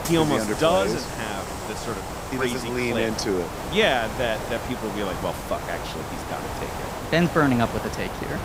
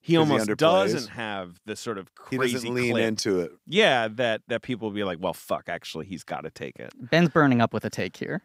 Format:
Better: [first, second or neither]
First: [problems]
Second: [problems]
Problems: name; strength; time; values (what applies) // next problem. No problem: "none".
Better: second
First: hiss; loud; throughout; 7 dB below the speech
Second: none